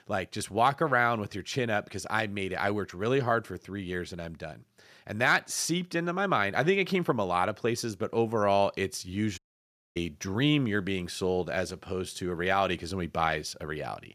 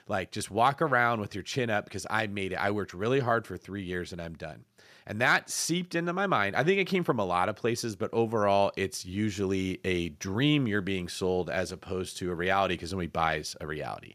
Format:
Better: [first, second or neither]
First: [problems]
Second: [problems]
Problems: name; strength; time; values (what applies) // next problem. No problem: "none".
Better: second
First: audio cutting out; at 9.5 s for 0.5 s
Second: none